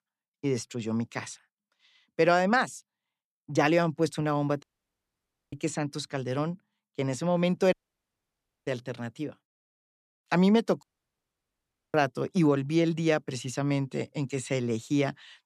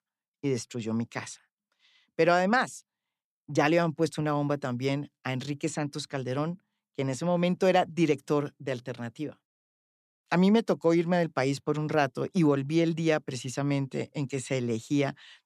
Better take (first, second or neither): second